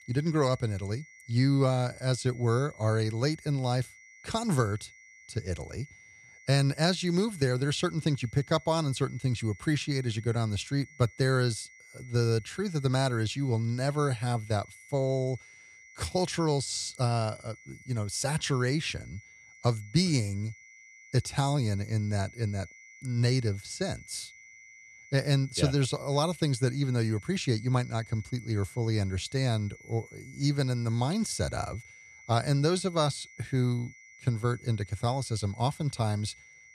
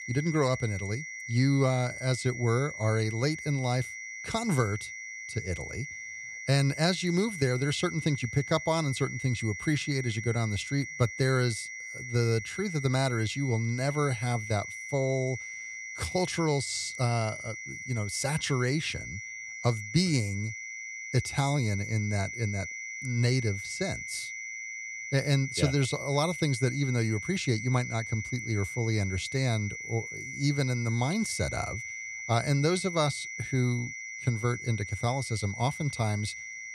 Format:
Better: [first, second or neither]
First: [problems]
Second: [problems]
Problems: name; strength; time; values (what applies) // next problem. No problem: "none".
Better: first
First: high-pitched whine; faint; throughout; 2 kHz, 20 dB below the speech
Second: high-pitched whine; loud; throughout; 2 kHz, 7 dB below the speech